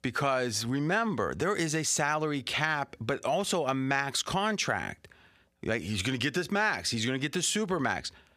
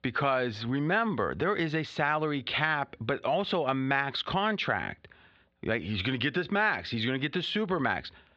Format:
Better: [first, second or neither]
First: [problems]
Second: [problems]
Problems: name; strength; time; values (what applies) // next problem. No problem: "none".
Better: first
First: none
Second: muffled; slightly; fading above 4 kHz